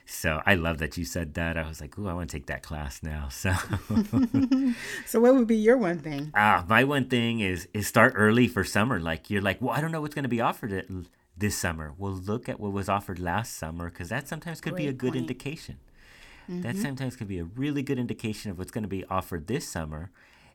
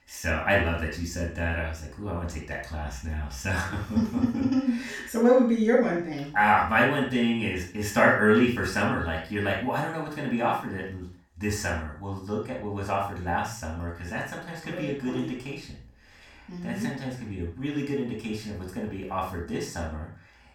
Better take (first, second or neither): first